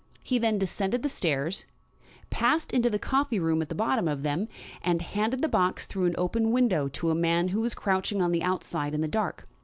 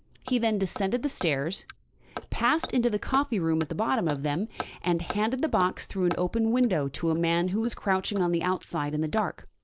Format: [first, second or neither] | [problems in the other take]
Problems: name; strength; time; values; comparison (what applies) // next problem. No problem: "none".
first | noise reduction (neural mask model Resemble Enhance denoiser)